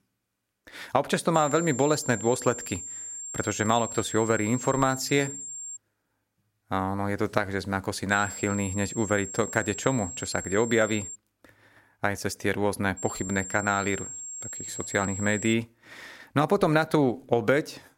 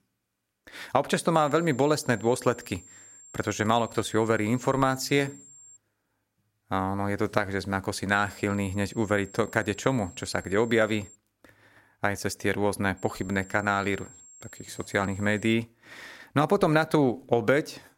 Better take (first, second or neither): second